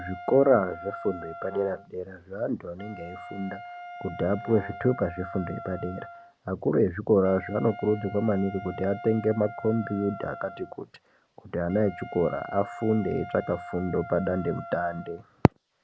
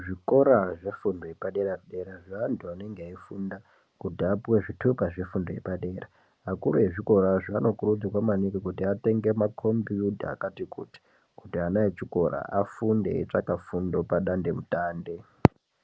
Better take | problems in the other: second | background sound (Wind instrument, woodwind instrument + Brass instrument); 14 dB below the speech

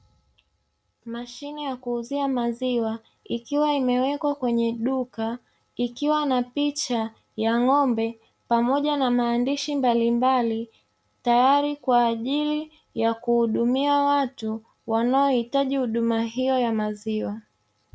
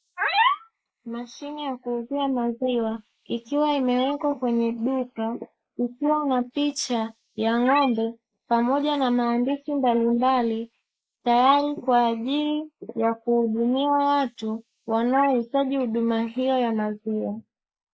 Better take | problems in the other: first | noise reduction (neural mask model Resemble Enhance denoiser)

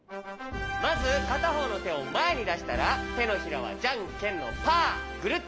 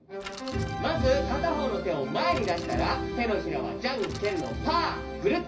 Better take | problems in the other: first | background sound (Bicycle); 18 dB below the speech // room echo; dies away in 0.4 s

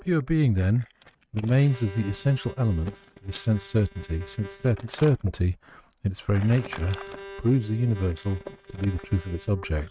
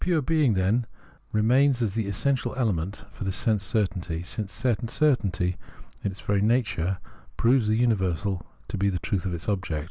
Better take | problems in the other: second | noise reduction (neural mask model RNNoise)

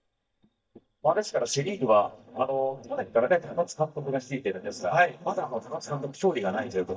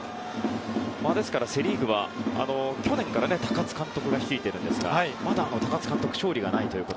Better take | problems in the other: second | noise reduction (neural mask model DeepFilterNet 3)

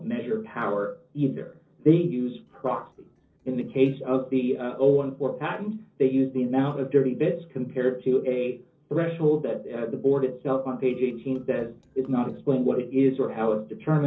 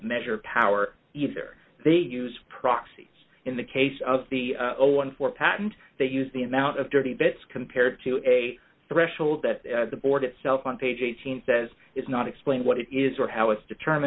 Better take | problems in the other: second | noise reduction (neural separator model SepFormer DNS4)

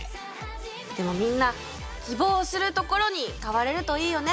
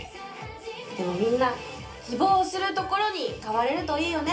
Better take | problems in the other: first | room echo; dies away in 0.3 s

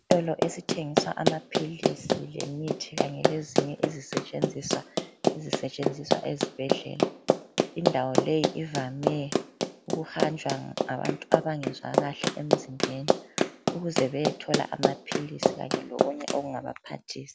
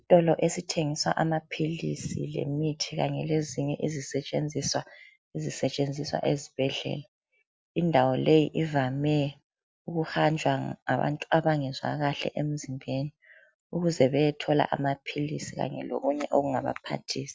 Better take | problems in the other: second | background sound (Run); 4 dB above the speech

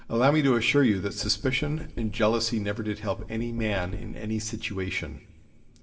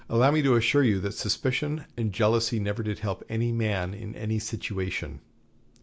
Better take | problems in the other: second | background sound (Knock); 10 dB below the speech // room echo; dies away in 0.7 s

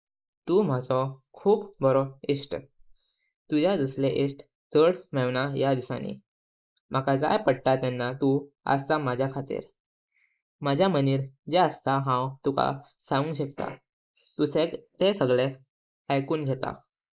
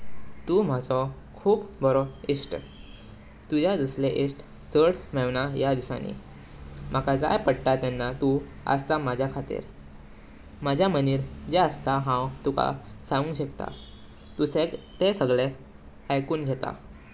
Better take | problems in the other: second | noise reduction (neural mask model Resemble Enhance denoiser)

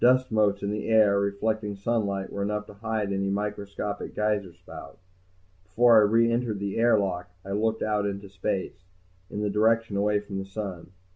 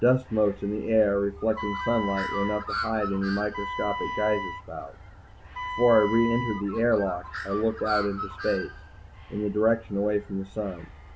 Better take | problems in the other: first | background sound (Bird + Wind instrument, woodwind instrument); 9 dB below the speech

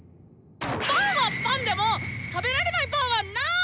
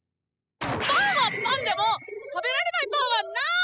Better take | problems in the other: first | noise reduction (classical method spectral subtraction)

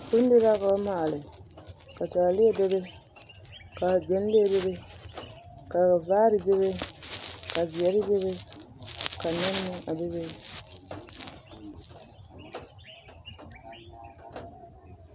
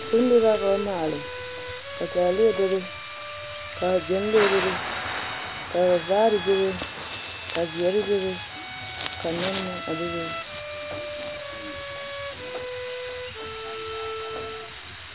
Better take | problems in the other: first | background sound (Bowed string instrument + Thunder / Rain); 7 dB below the speech

